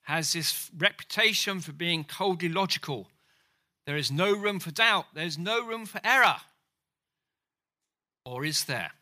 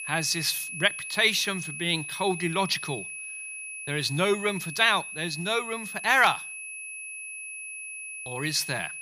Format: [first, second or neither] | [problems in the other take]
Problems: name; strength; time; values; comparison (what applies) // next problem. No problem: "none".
first | high-pitched whine; loud; throughout; 2.5 kHz, 9 dB below the speech